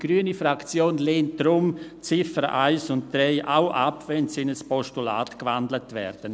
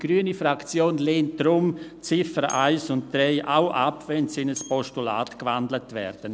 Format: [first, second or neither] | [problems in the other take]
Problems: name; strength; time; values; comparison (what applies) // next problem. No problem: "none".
first | background sound (Bell); 20 dB below the speech